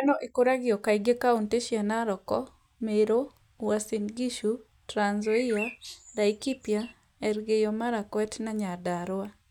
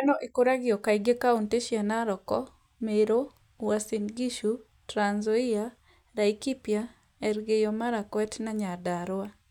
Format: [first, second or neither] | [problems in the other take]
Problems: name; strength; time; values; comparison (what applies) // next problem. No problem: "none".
second | background sound (Bird); 14 dB below the speech